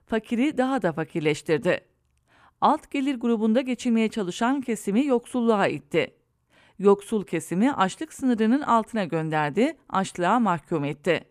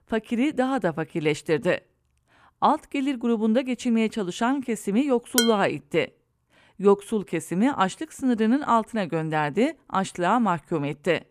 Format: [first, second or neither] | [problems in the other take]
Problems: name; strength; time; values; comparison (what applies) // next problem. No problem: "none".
first | clattering dishes; loud; at 5.5 s; peak level with the speech